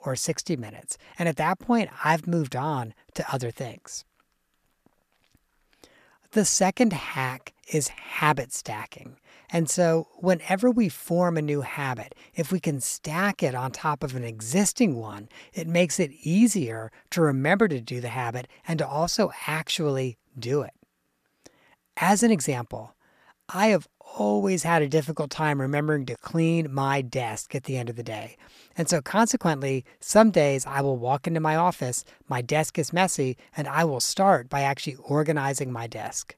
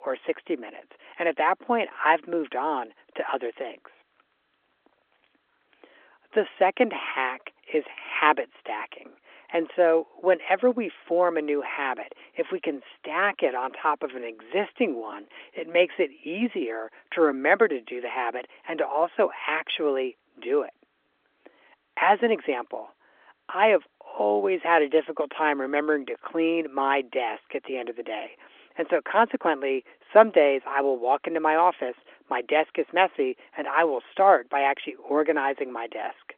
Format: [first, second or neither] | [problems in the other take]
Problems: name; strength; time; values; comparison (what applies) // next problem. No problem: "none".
first | phone-call audio; nothing above 3.5 kHz